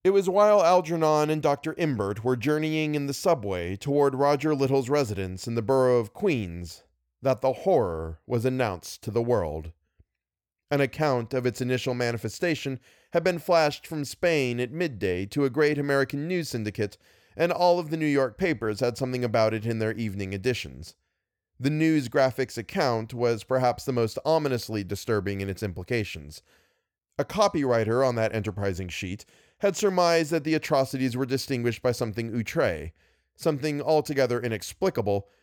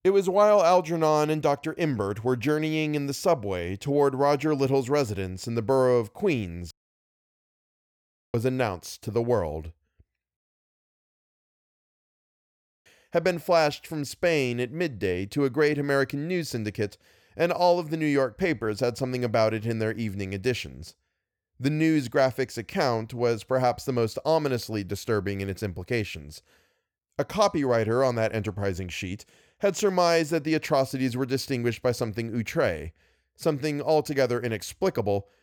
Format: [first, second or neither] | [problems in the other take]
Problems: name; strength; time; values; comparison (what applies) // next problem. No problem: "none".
first | audio cutting out; at 6.5 s for 1.5 s and at 10 s for 2.5 s